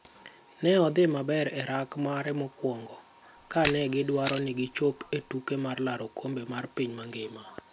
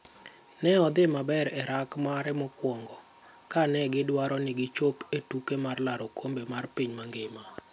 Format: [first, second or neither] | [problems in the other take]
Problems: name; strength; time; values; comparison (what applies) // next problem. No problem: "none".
second | background sound (Camera); 10 dB below the speech